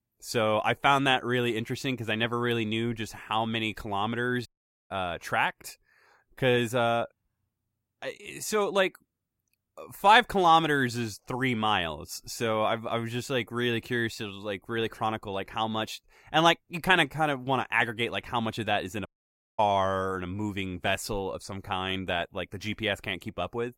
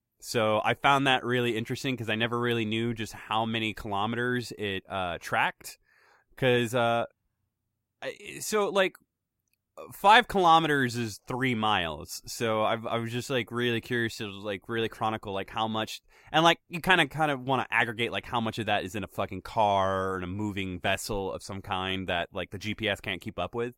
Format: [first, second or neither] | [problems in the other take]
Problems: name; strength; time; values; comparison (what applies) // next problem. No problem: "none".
second | audio cutting out; at 4.5 s and at 19 s for 0.5 s